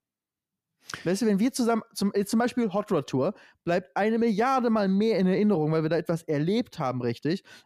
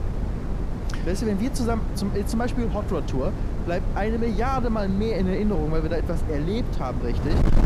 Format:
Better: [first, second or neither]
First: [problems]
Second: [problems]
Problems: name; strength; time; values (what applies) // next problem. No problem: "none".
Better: first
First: none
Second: wind noise on the microphone; heavy; 8 dB below the speech